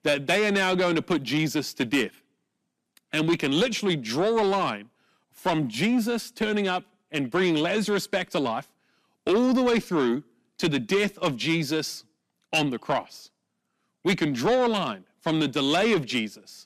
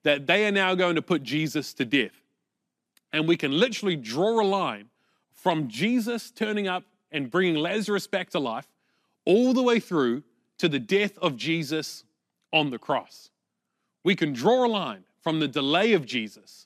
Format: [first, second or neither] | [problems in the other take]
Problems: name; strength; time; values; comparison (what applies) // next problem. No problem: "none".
second | distortion; slight; 10 dB below the speech